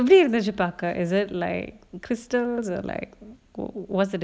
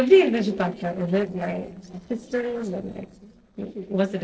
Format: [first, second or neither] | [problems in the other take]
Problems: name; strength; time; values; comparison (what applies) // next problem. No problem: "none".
first | noise reduction (neural separator model SepFormer DNS4)